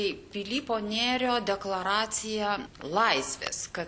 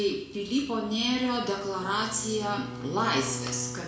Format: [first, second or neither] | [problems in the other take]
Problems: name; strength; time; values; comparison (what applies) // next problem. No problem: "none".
first | background sound (Bowed string instrument); 11 dB below the speech // room echo; dies away in 0.6 s